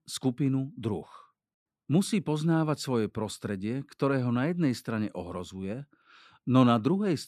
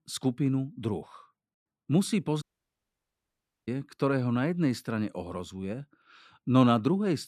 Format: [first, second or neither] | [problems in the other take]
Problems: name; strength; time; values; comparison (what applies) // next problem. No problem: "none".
first | audio cutting out; at 2.5 s for 1.5 s